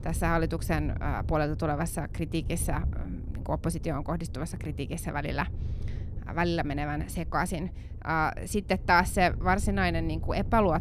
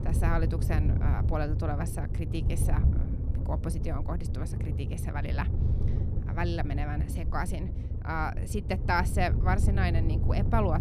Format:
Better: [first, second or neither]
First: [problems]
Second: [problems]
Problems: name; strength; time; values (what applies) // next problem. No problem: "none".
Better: first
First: low rumble; faint; throughout; 20 dB below the speech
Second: low rumble; loud; throughout; 9 dB below the speech